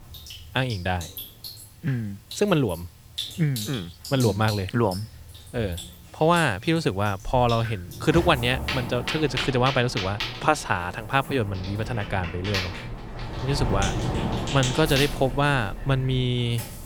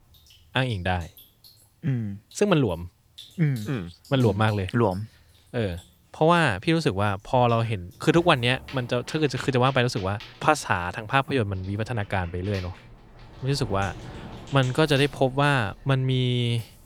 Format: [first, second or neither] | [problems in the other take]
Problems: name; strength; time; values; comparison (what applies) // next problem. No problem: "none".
second | rain or running water; loud; throughout; 8 dB below the speech; faint in the second